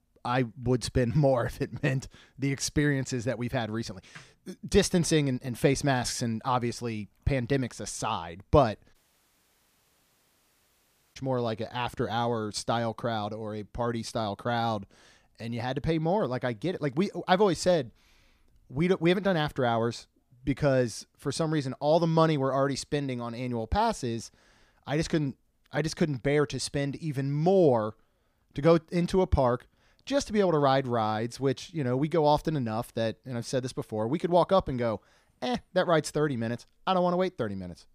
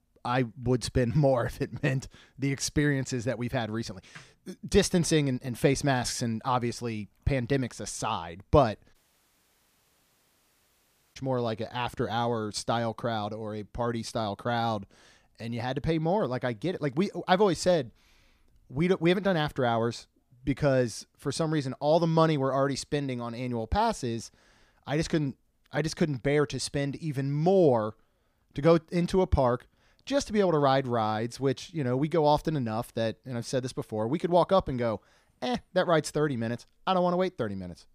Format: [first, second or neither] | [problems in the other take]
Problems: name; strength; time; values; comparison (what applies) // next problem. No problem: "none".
neither | audio cutting out; at 9 s for 2 s; the same in both